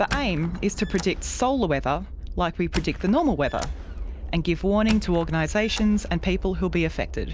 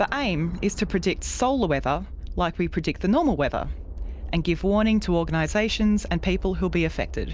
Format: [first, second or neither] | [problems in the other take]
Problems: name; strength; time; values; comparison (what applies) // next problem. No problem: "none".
second | background sound (Squeak); 14 dB below the speech